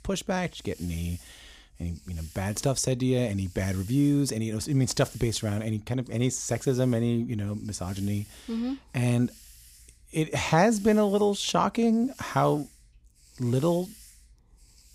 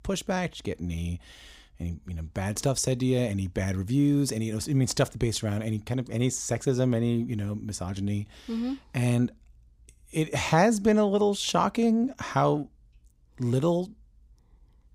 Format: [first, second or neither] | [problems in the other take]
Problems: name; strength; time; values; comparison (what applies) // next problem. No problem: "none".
second | hiss; faint; throughout; 25 dB below the speech